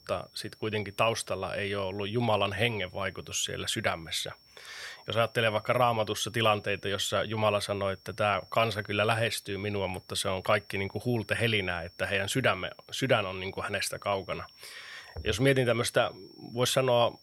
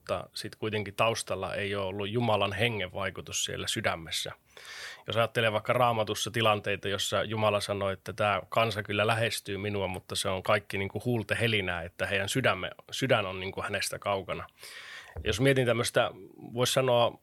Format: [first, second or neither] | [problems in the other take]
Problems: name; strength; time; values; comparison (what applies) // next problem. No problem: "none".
second | high-pitched whine; faint; throughout; 5.5 kHz, 25 dB below the speech